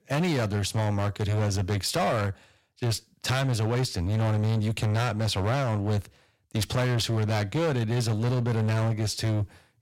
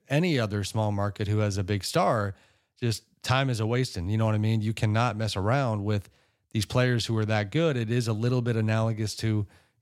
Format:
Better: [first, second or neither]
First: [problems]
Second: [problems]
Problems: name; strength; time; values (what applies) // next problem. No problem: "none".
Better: second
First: distortion; heavy; 21% of the sound clipped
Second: none